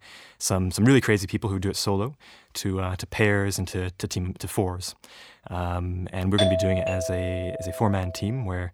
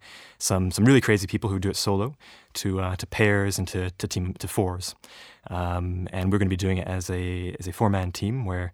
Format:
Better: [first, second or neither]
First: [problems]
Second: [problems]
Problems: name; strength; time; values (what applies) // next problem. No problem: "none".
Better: second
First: doorbell; loud; from 6.5 to 8 s; peak 3 dB above the speech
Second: none